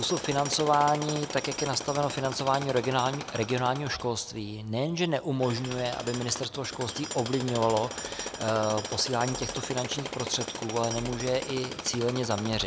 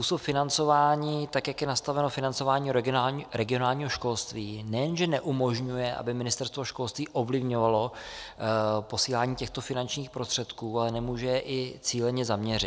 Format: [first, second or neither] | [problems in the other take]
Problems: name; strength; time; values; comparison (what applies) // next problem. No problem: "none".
second | background sound (Tools); 9 dB below the speech